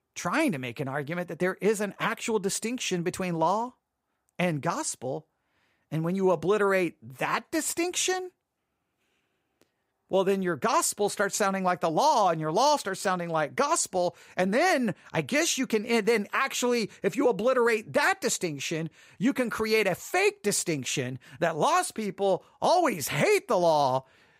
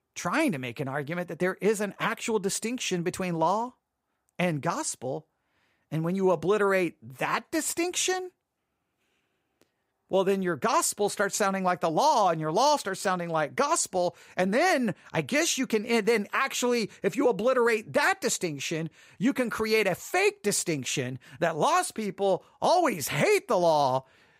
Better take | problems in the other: neither | none

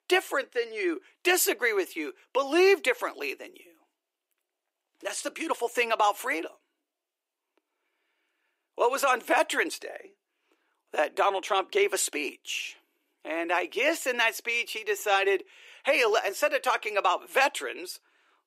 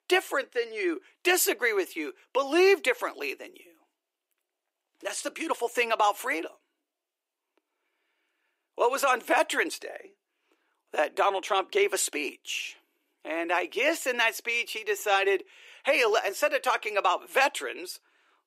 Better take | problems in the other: neither | thin; somewhat; fading below 350 Hz; the same in both

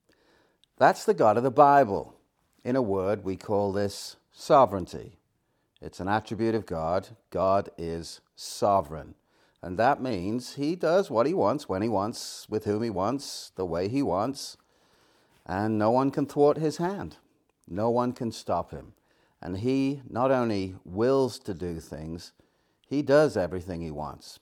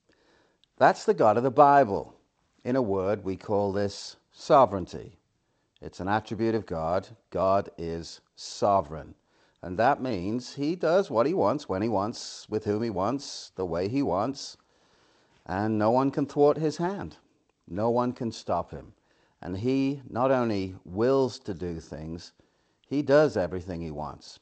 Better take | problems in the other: first | garbled, watery; slightly; nothing above 8 kHz

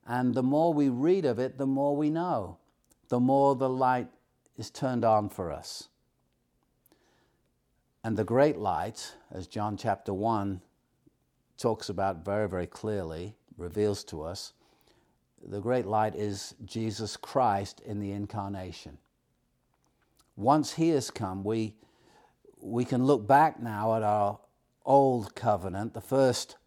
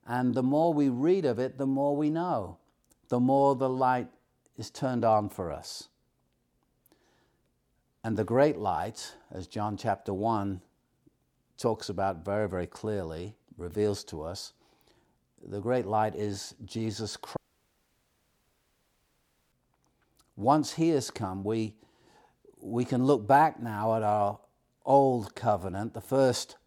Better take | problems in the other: first | audio cutting out; at 17 s for 2 s

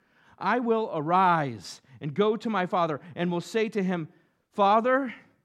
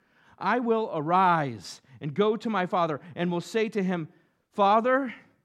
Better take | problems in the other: neither | none

